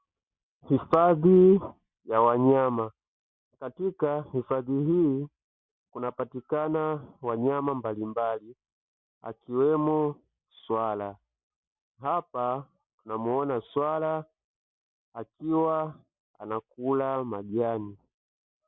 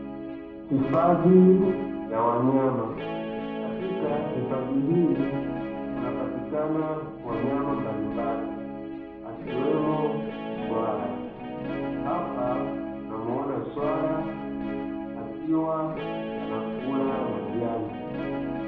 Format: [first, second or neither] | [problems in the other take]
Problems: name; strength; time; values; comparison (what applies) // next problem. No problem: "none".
first | background sound (Guitar); 5 dB below the speech // room echo; dies away in 0.8 s